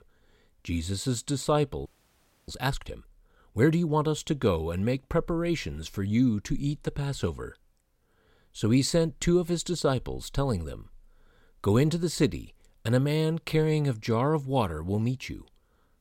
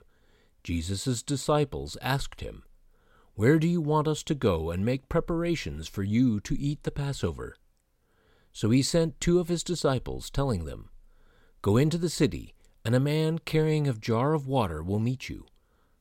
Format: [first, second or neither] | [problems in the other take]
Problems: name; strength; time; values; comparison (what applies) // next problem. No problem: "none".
second | audio freezing; at 2 s for 0.5 s